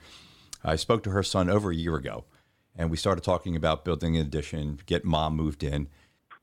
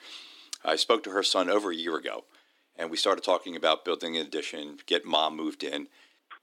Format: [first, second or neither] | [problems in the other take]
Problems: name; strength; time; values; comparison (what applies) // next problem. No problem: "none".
first | thin; somewhat; fading below 300 Hz